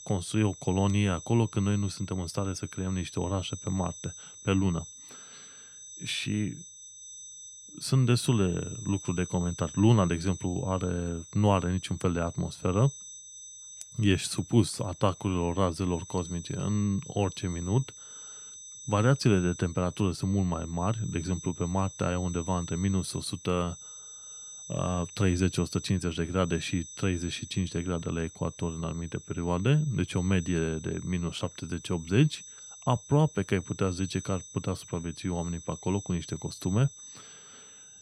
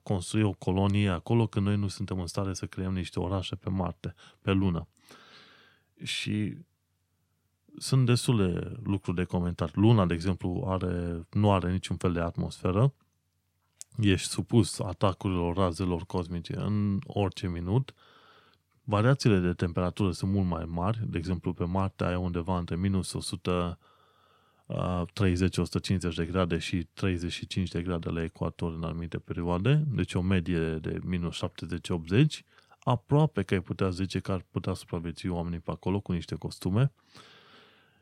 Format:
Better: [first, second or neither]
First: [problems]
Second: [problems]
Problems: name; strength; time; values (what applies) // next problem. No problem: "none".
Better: second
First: high-pitched whine; noticeable; throughout; 6 kHz, 15 dB below the speech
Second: none